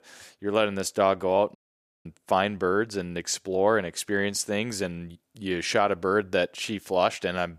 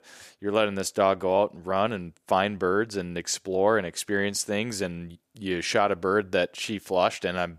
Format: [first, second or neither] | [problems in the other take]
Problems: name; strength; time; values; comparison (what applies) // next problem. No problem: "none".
second | audio cutting out; at 1.5 s